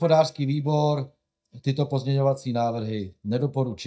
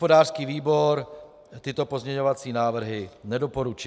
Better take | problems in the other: second | noise reduction (neural mask model DeepFilterNet 3)

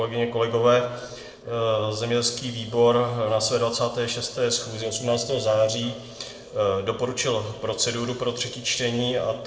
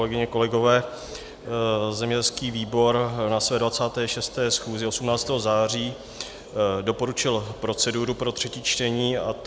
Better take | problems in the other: second | noise reduction (neural separator model SepFormer DNS4)

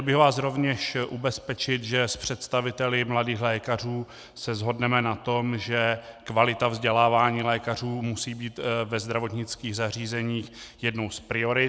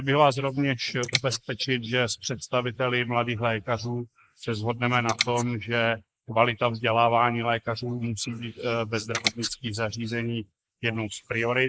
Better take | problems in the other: first | noise reduction (neural mask model Resemble Enhance denoiser)

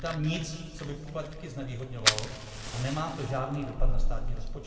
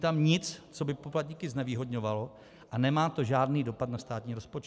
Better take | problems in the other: second | background sound (Fire); 4 dB above the speech // room echo; dies away in 2.2 s

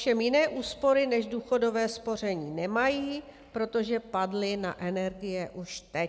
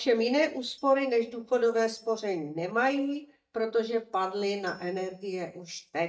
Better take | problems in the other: first | noise reduction (neural mask model DeepFilterNet 3)

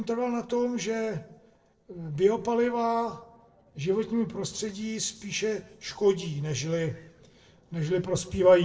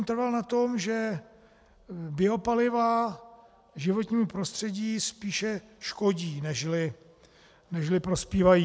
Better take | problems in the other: second | noise reduction (neural separator model SepFormer DNS4)

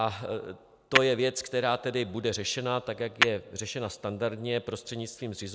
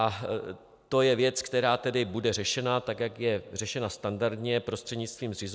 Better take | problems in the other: second | background sound (Tap / Hammer); 4 dB below the speech

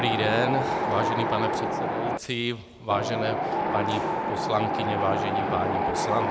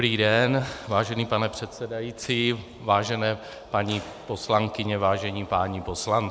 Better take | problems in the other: second | background sound (Wind); 2 dB above the speech

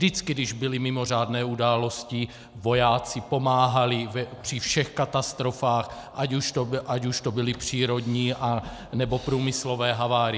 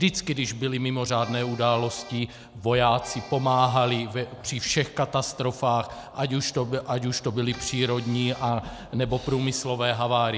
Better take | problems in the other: first | background sound (Accordion); 18 dB below the speech

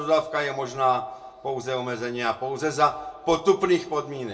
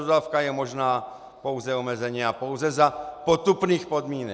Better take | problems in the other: second | room echo; dies away in 0.2 s

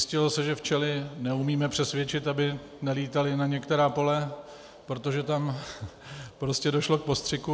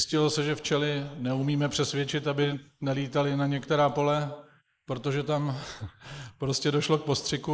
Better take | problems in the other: first | noise reduction (neural mask model Resemble Enhance denoiser)

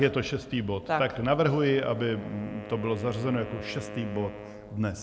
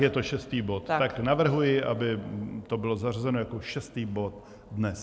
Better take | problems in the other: second | background sound (Wind instrument, woodwind instrument); 15 dB below the speech

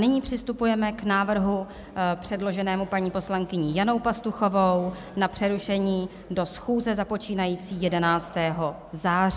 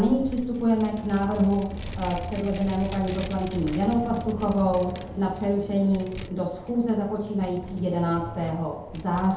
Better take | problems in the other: first | background sound (Vehicle); 12 dB below the speech // room echo; dies away in 0.8 s

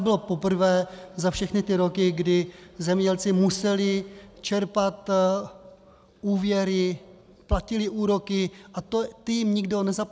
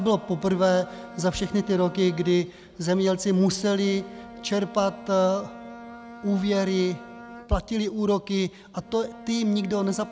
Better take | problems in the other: first | background sound (Bowed string instrument); 18 dB below the speech

